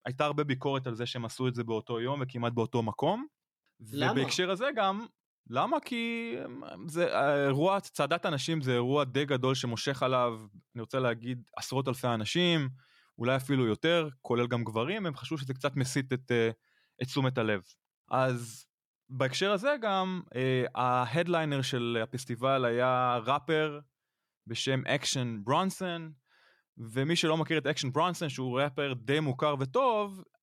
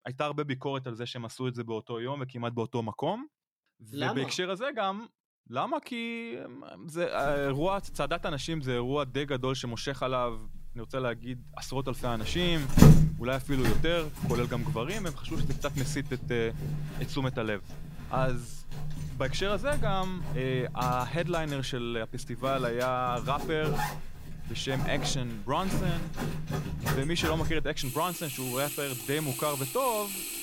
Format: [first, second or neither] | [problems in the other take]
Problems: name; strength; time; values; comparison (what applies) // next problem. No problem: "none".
first | household noises; very loud; from 7 s on; as loud as the speech